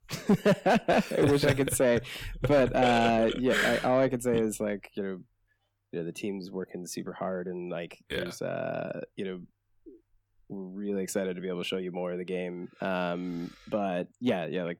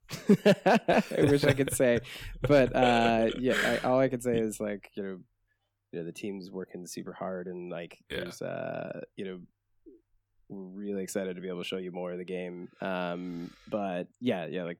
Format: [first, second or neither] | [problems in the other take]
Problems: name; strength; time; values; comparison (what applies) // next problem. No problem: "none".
second | distortion; slight; 10 dB below the speech